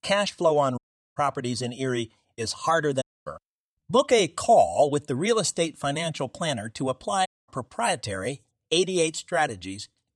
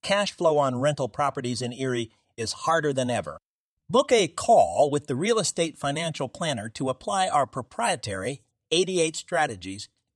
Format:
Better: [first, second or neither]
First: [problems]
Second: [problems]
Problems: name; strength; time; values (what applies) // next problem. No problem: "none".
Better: second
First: audio cutting out; at 1 s, at 3 s and at 7.5 s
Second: none